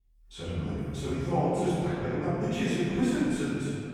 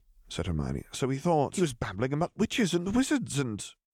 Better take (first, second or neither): second